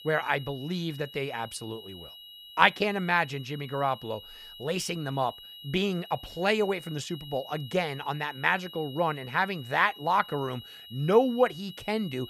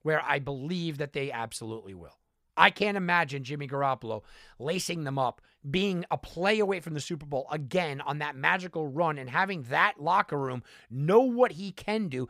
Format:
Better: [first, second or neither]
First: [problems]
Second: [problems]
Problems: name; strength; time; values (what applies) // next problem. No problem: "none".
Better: second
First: high-pitched whine; noticeable; throughout; 3 kHz, 15 dB below the speech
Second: none